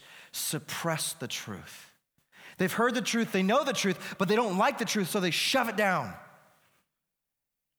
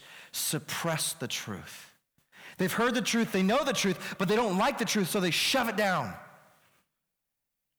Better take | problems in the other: first | distortion; slight; 5% of the sound clipped

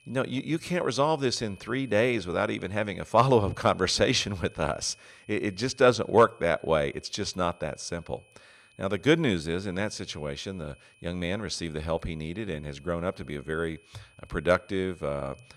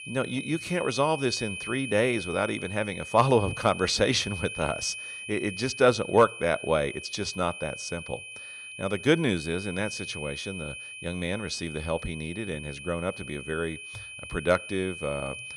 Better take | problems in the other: first | high-pitched whine; loud; throughout; 2.5 kHz, 10 dB below the speech; faint in the first

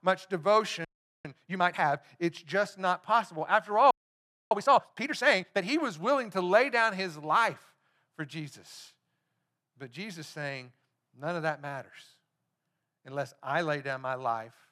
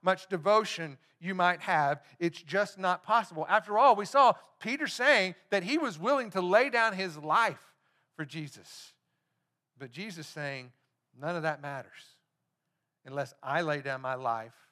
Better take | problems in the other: second | audio freezing; at 1 s and at 4 s for 0.5 s

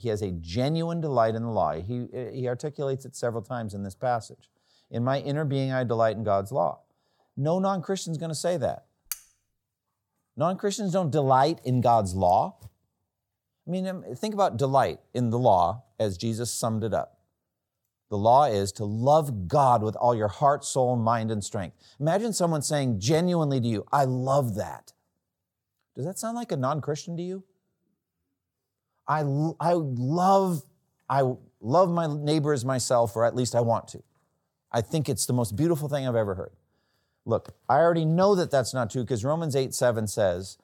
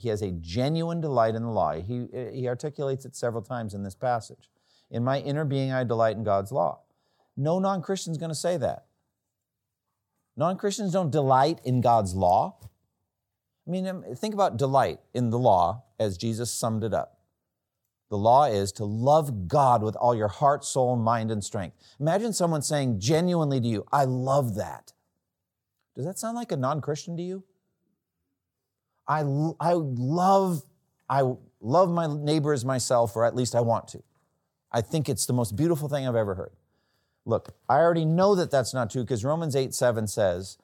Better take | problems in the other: second | clattering dishes; very faint; at 9 s; peak 10 dB below the speech

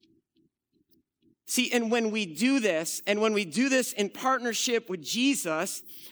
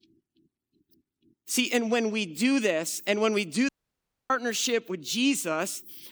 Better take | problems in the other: first | audio cutting out; at 3.5 s for 0.5 s

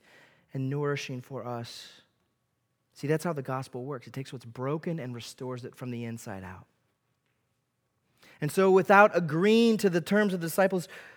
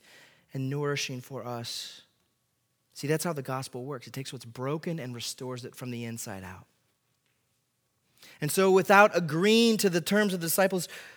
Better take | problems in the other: second | muffled; slightly; fading above 2.5 kHz

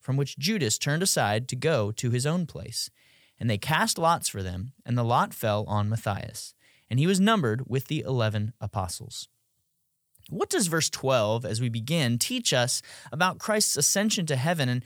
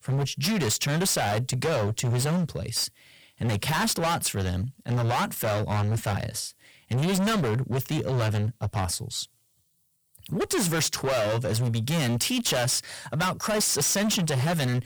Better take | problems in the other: first | distortion; heavy; 28% of the sound clipped

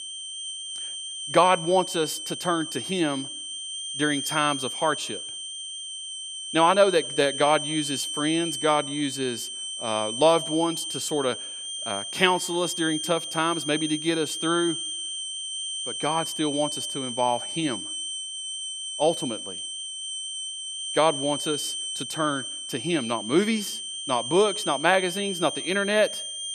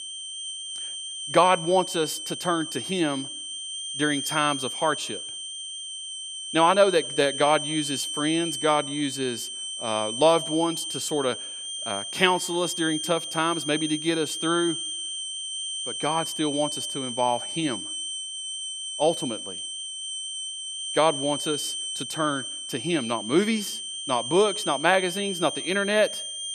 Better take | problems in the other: neither | high-pitched whine; loud; throughout; 3 kHz, 5 dB below the speech; the same in both

